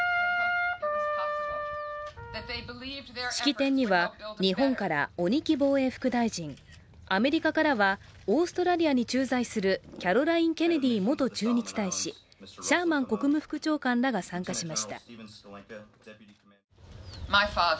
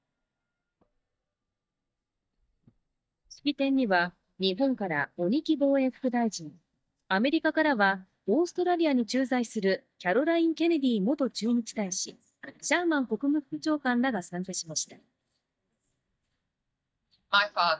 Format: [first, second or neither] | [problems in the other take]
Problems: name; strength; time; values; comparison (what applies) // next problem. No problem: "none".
first | noise reduction (neural mask model DeepFilterNet 3)